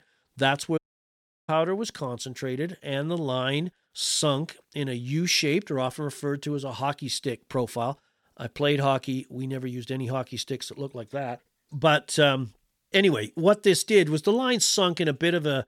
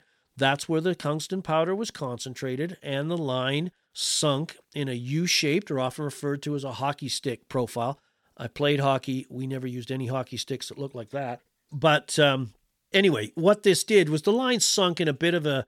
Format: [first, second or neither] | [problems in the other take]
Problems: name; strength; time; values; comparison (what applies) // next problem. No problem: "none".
second | audio cutting out; at 1 s for 0.5 s